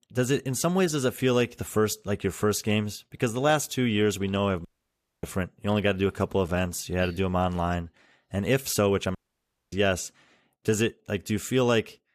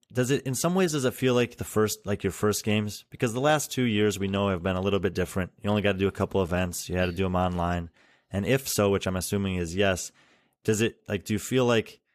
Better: second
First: audio cutting out; at 4.5 s for 0.5 s and at 9 s for 0.5 s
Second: none

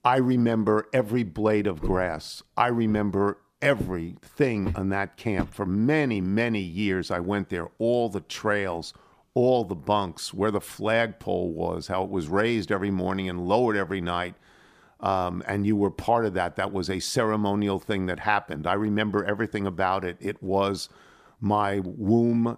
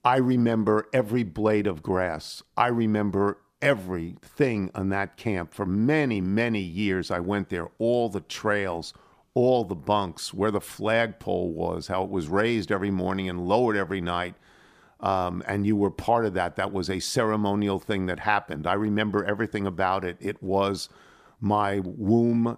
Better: second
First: footsteps; noticeable; from 2 to 5.5 s; peak 8 dB below the speech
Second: none

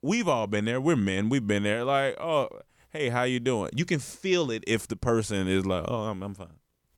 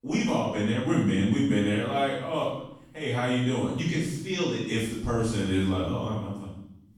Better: first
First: none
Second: off-mic speech; far // room echo; strong; dies away in 0.7 s

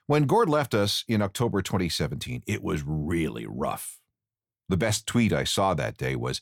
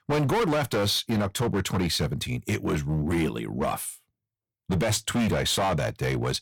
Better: first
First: none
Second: distortion; heavy; 15% of the sound clipped

